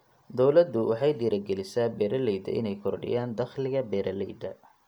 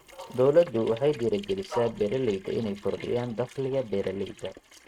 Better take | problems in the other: first | noise reduction (neural mask model RNNoise)

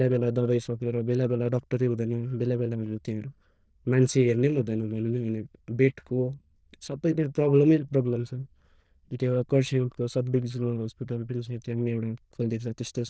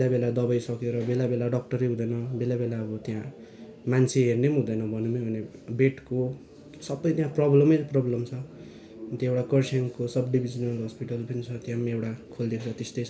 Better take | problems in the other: second | noise reduction (neural diffusion model UNIVERSE++)

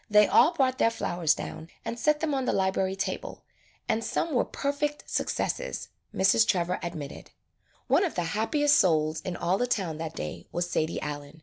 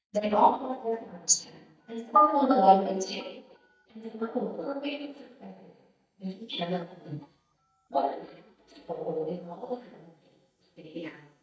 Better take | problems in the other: first | noise reduction (neural mask model DeepFilterNet 3)

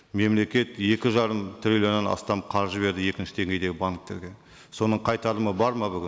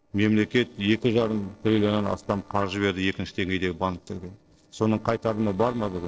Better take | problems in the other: first | noise reduction (neural separator model SepFormer DNS4)

